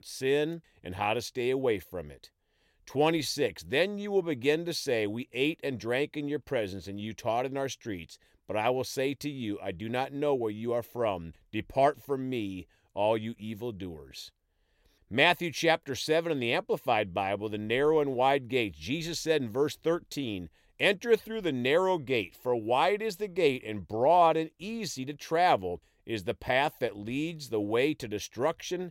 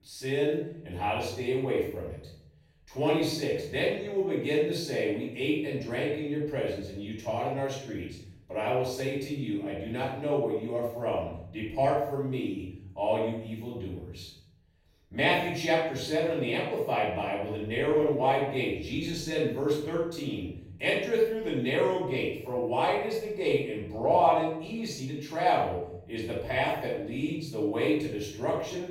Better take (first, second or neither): first